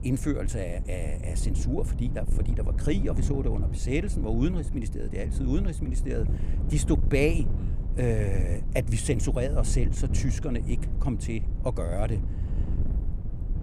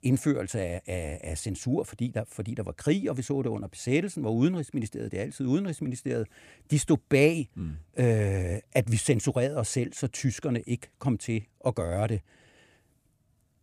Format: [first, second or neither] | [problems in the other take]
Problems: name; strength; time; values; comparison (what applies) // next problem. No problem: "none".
second | wind noise on the microphone; occasional gusts; 10 dB below the speech